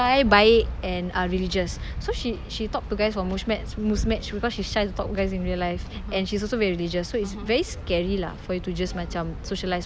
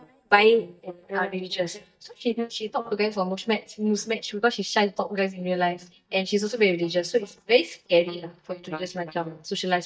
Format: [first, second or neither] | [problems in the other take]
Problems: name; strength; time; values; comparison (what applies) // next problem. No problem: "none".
first | noise reduction (neural mask model DeepFilterNet 3)